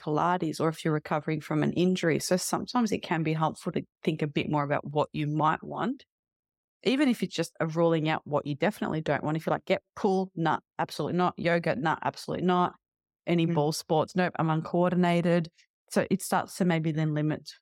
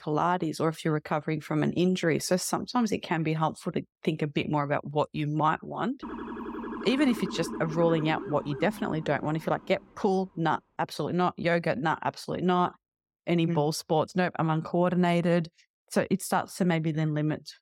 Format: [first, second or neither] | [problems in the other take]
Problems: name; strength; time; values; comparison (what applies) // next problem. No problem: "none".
first | siren; noticeable; from 6 to 10 s; peak 8 dB below the speech